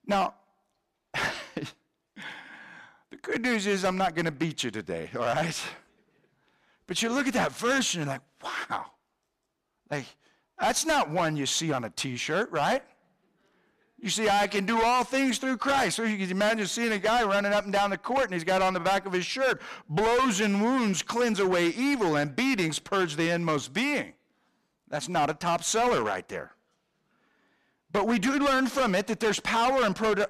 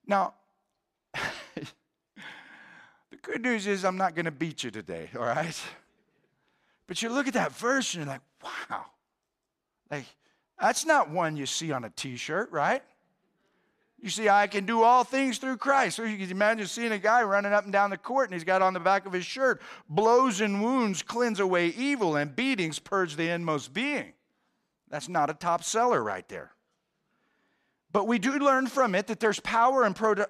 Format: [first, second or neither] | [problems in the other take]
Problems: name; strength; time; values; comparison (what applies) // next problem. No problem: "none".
second | distortion; heavy; 11% of the sound clipped